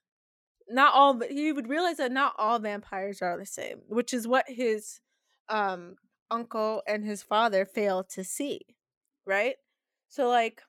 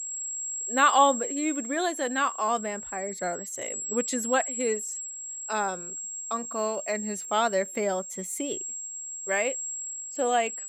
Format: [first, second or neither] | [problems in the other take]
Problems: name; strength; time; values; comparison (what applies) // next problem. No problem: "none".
first | high-pitched whine; loud; throughout; 7.5 kHz, 5 dB below the speech